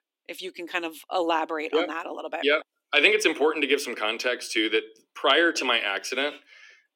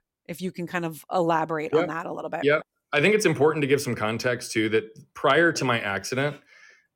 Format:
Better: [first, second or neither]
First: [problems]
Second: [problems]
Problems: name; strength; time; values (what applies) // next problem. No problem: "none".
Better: second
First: thin; very slightly; fading below 300 Hz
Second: none